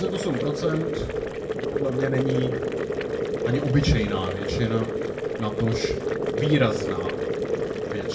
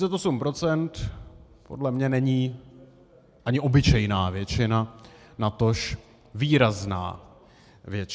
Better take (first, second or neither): second